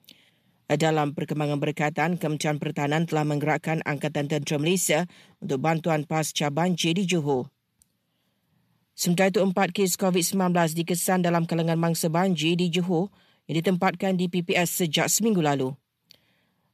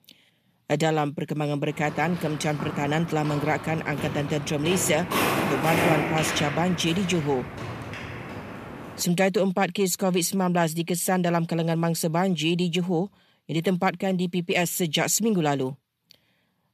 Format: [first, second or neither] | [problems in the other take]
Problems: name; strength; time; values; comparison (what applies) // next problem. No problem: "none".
first | footsteps; loud; from 2 to 9 s; peak 2 dB above the speech